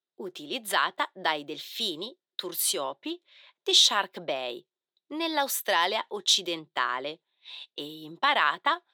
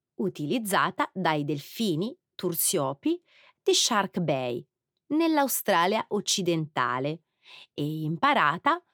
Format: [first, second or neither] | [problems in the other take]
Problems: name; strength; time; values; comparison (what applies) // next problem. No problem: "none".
second | thin; somewhat; fading below 450 Hz